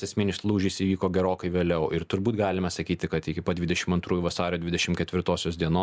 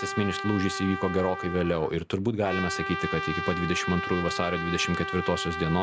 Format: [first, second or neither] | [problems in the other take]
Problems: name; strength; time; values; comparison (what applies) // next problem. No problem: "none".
first | background sound (Trumpet); 6 dB below the speech